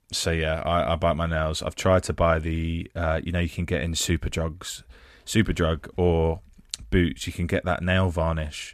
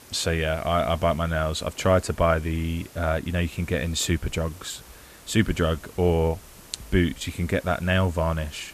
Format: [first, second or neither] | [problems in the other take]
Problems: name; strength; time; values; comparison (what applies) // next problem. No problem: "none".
first | hiss; faint; throughout; 20 dB below the speech